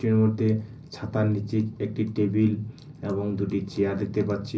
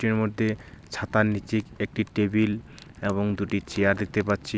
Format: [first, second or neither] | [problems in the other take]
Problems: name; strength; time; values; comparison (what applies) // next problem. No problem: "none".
second | room echo; dies away in 0.5 s